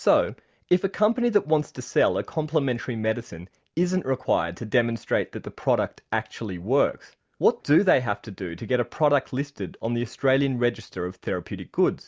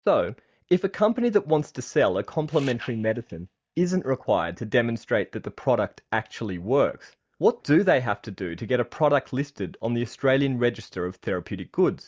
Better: first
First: none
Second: noise reduction (neural mask model DeepFilterNet 3)

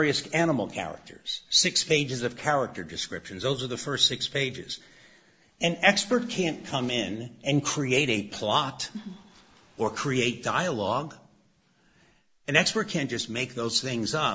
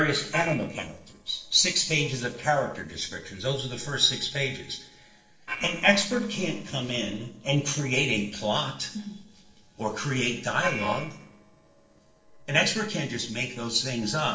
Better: first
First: none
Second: noise reduction (neural separator model SepFormer DNS4)

